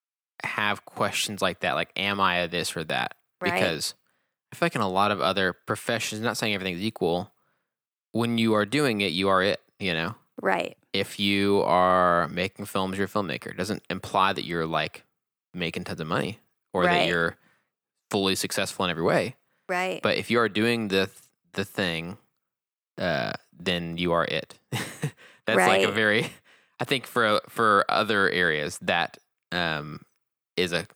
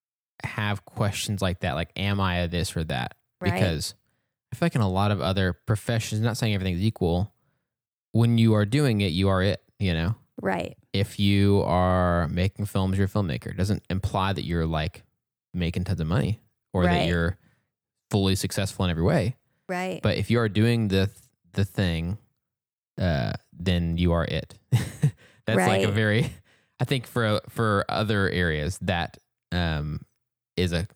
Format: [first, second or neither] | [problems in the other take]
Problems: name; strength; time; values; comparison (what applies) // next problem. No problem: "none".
second | thin; somewhat; fading below 250 Hz